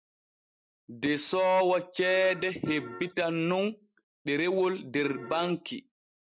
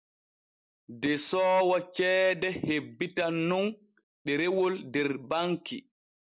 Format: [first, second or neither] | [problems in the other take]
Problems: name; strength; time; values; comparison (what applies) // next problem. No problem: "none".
second | noise reduction (neural mask model RNNoise)